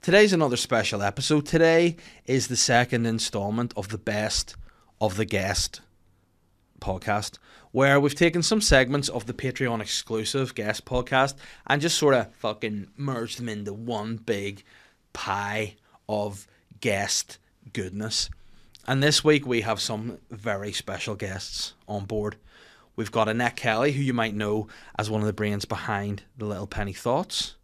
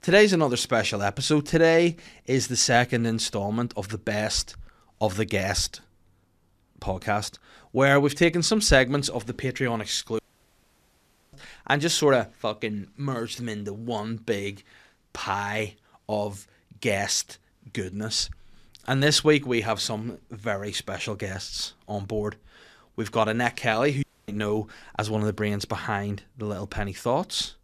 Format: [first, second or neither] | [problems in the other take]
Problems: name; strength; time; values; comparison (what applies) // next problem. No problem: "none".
first | audio cutting out; at 10 s for 1 s and at 24 s